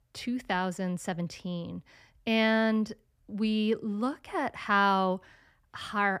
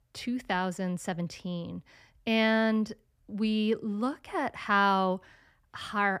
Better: neither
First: none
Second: none

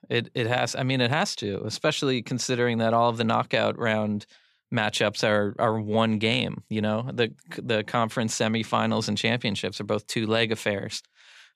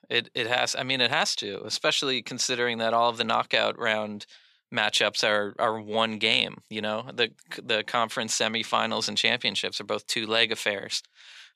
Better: first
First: none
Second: thin; somewhat; fading below 650 Hz

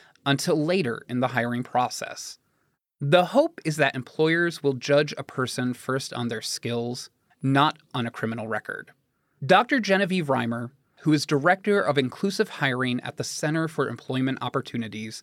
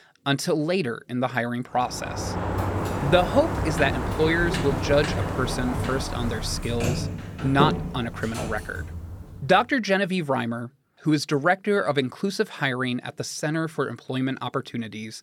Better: first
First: none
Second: door banging; loud; from 2 to 9.5 s; peak 1 dB above the speech

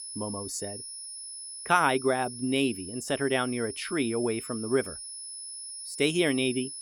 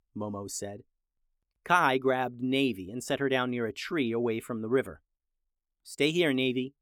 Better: second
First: high-pitched whine; loud; throughout; 10.5 kHz, 10 dB below the speech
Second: none

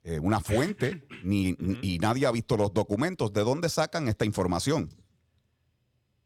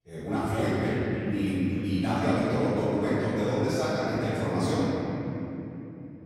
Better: first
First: none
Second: off-mic speech; far // room echo; strong; dies away in 3 s

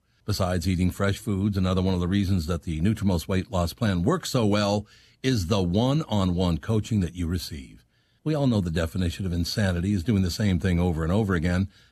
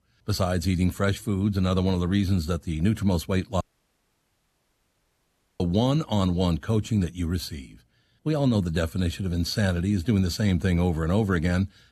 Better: first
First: none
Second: audio cutting out; at 3.5 s for 2 s

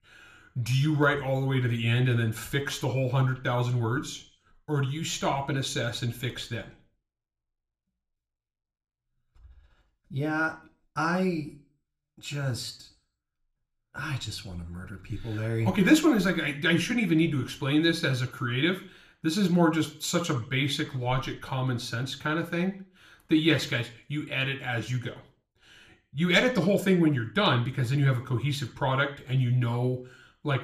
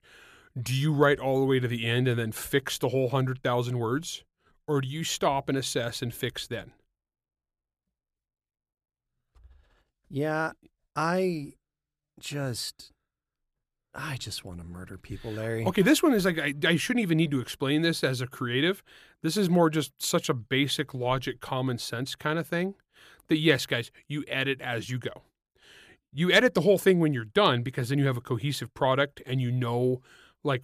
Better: second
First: room echo; very slight; dies away in 0.4 s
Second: none

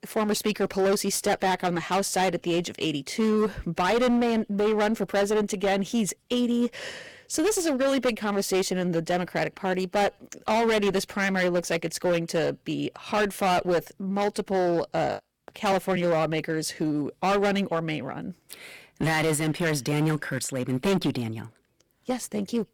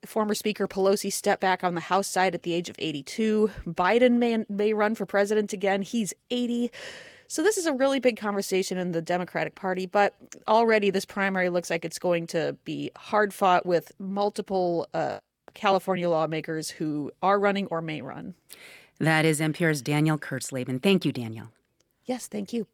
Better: second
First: distortion; heavy; 14% of the sound clipped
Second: none

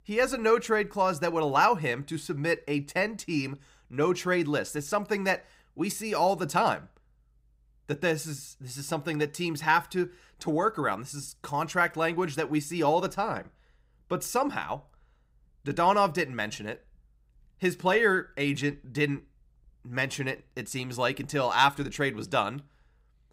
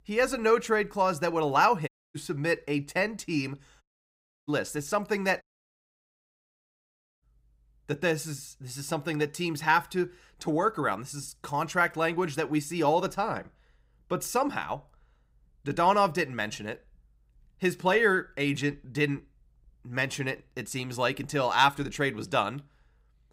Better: first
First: none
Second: audio cutting out; at 2 s, at 4 s for 0.5 s and at 5.5 s for 2 s

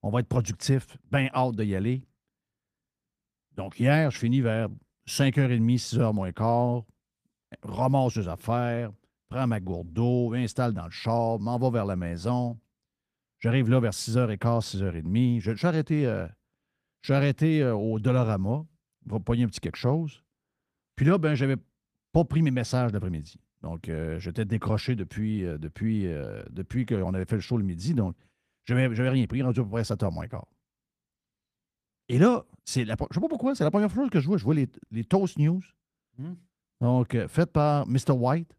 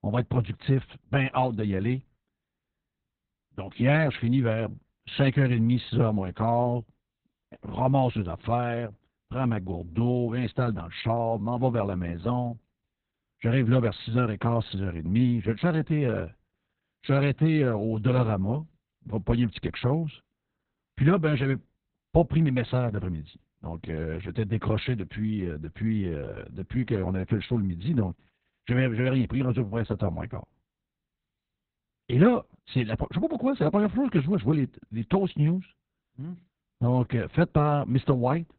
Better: first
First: garbled, watery; slightly; nothing above 14.5 kHz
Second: garbled, watery; badly; nothing above 4 kHz

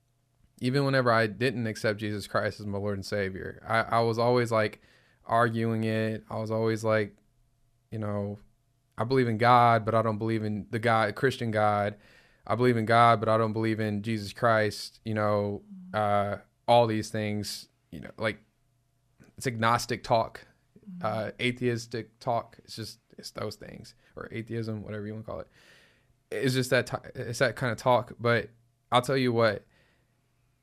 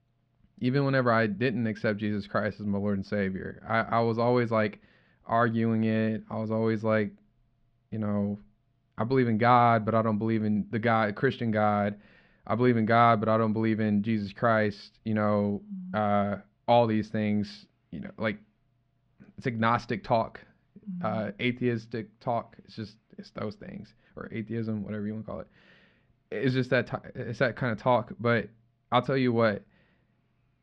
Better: first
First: none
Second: muffled; very slightly; fading above 3.5 kHz

